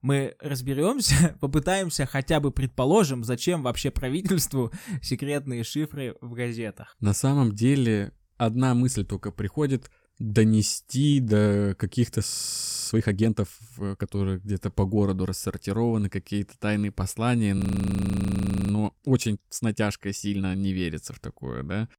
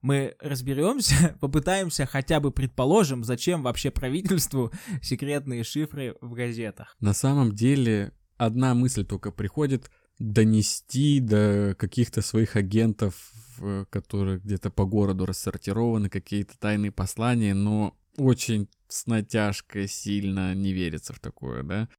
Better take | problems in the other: second | audio freezing; at 12 s for 0.5 s and at 18 s for 1 s

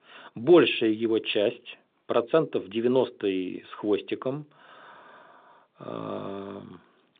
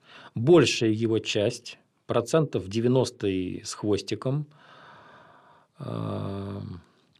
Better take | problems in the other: second | phone-call audio; nothing above 3.5 kHz

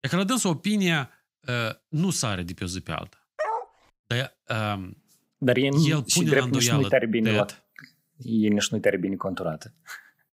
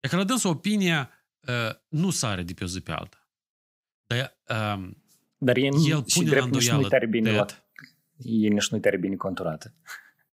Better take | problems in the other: second | dog barking; noticeable; at 3.5 s; peak 5 dB below the speech

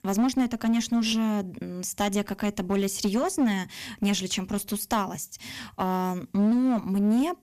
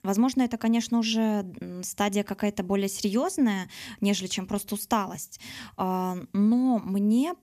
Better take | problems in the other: second | distortion; slight; 10% of the sound clipped

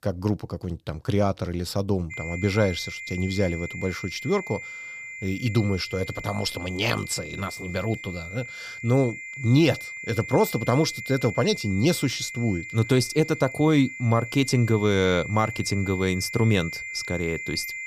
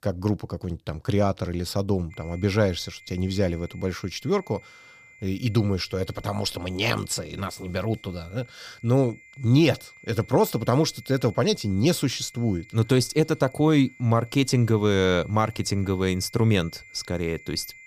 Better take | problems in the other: second | high-pitched whine; loud; from 2 s on; 2 kHz, 9 dB below the speech; faint in the second

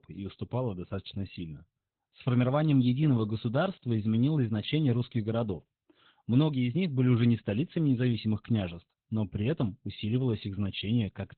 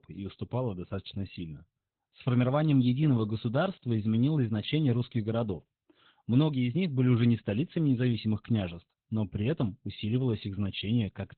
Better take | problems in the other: neither | garbled, watery; badly; nothing above 4 kHz; the same in both

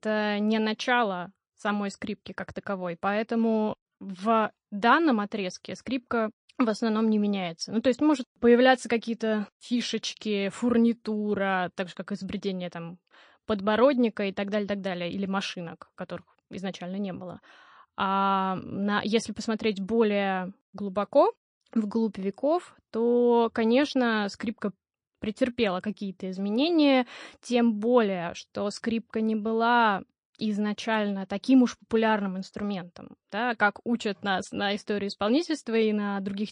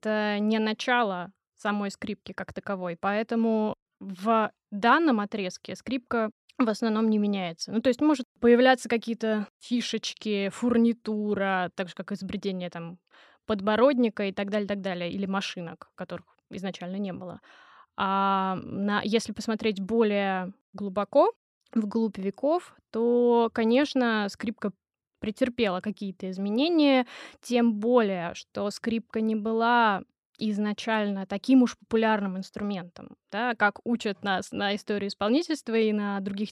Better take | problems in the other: second | garbled, watery; slightly

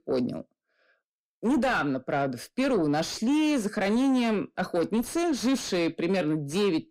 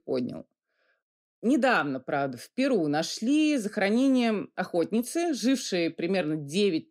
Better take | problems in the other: second | distortion; slight; 10 dB below the speech

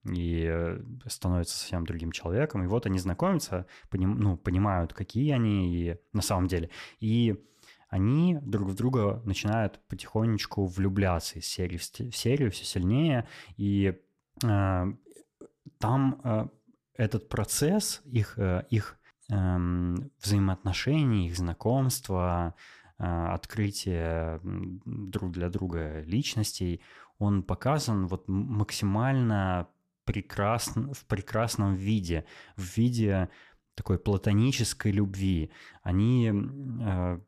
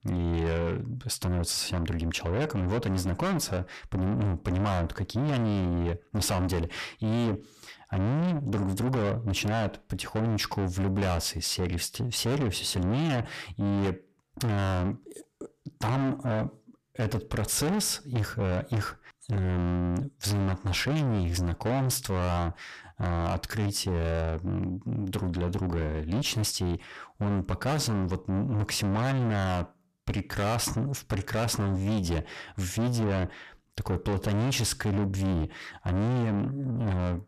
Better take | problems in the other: first | distortion; heavy; 7 dB below the speech

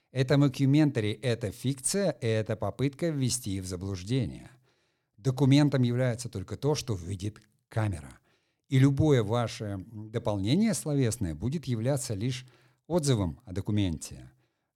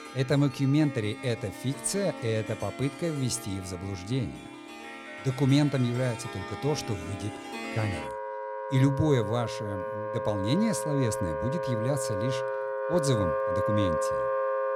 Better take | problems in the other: first | background music; loud; throughout; 5 dB below the speech

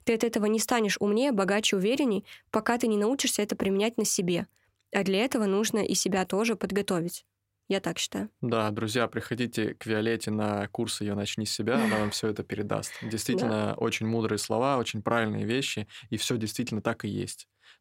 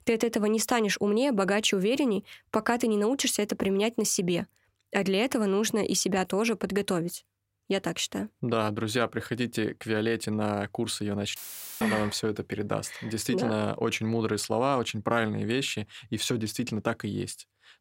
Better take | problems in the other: first | audio cutting out; filled with static; at 11 s

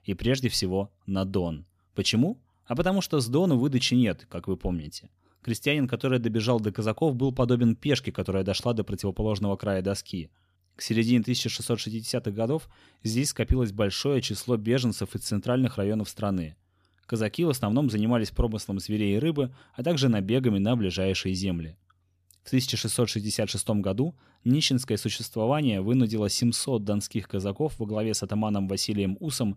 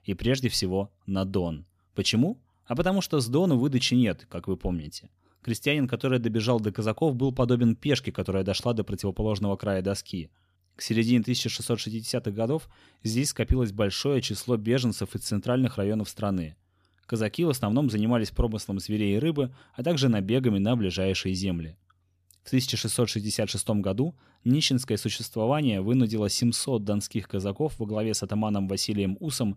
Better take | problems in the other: neither | none

